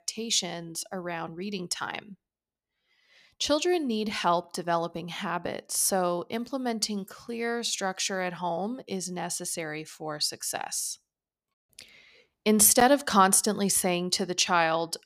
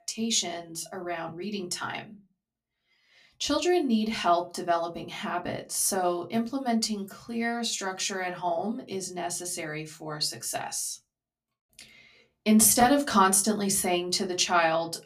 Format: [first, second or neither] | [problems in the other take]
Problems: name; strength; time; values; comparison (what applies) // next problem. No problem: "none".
first | off-mic speech; far // room echo; very slight; dies away in 0.2 s